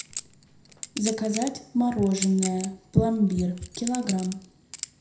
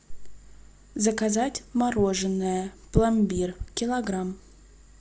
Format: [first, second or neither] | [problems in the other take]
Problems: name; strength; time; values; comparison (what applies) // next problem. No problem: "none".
second | background sound (Chink, clink); 11 dB below the speech // room echo; dies away in 0.4 s